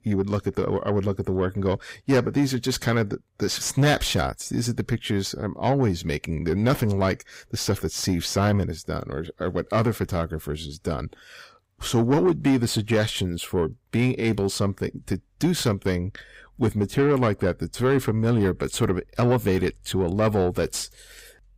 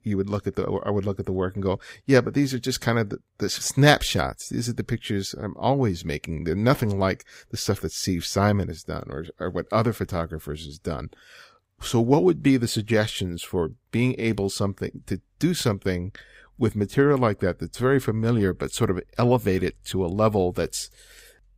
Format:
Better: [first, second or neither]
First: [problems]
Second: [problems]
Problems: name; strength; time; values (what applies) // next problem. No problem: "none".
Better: second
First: distortion; slight; 10 dB below the speech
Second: none